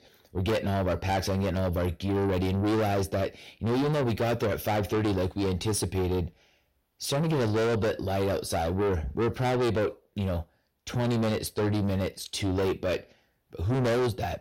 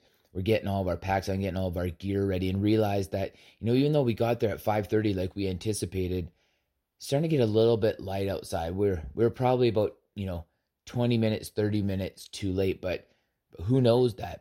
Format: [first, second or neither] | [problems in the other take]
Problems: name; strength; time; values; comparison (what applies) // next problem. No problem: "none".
second | distortion; heavy; 6 dB below the speech